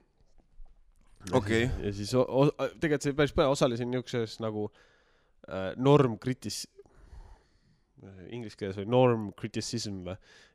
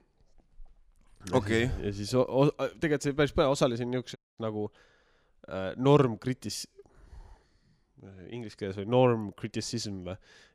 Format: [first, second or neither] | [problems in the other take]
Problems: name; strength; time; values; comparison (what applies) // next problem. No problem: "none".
first | audio cutting out; at 4 s